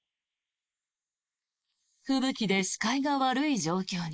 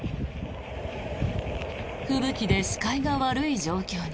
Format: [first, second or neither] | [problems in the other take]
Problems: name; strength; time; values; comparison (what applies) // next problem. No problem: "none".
second | noise reduction (neural mask model Resemble Enhance denoiser)